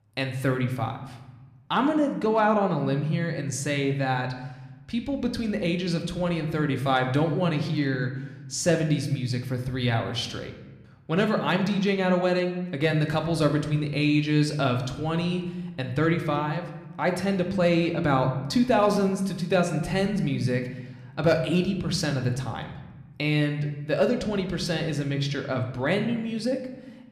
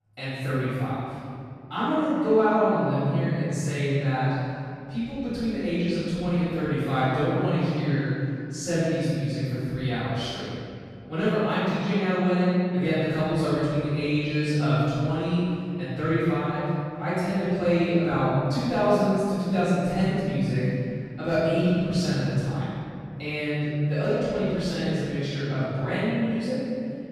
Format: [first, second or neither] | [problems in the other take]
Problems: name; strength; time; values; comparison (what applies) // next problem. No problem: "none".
first | room echo; strong; dies away in 2.5 s; slight in the first // off-mic speech; far